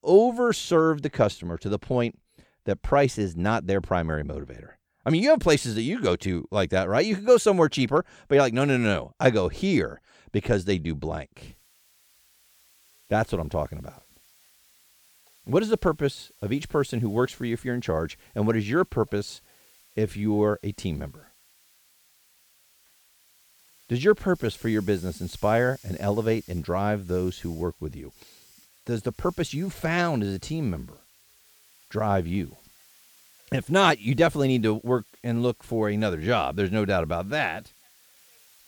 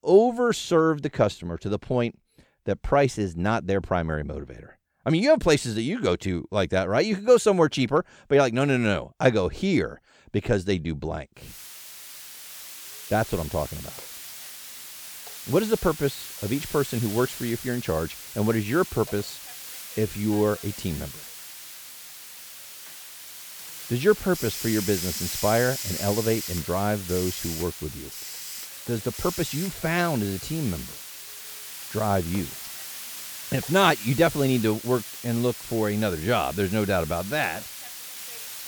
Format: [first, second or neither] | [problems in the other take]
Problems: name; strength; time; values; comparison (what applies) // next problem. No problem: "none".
first | hiss; loud; from 11 s on; 10 dB below the speech; faint in the first